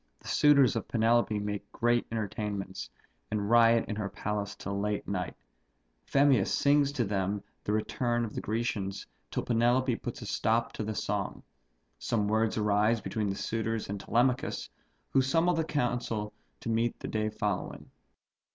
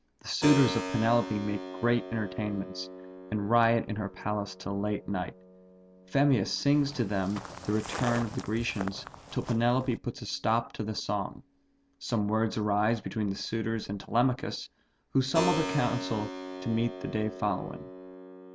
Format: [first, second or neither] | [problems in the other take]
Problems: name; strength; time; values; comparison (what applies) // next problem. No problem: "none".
first | background sound (Walk, footsteps + Keyboard (musical)); 10 dB below the speech